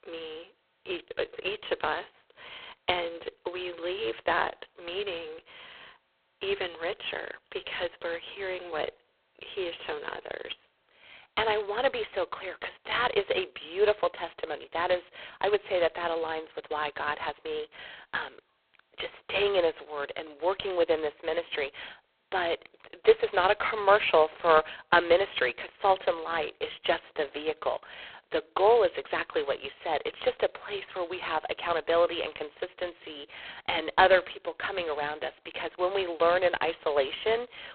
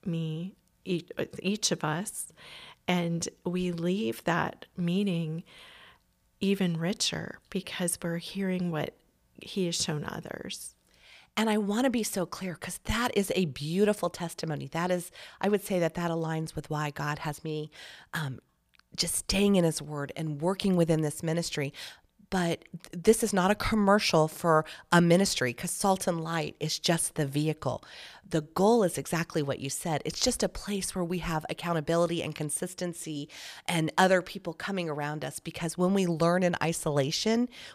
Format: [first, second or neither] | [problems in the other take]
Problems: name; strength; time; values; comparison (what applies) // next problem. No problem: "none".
second | phone-call audio; poor line; nothing above 4 kHz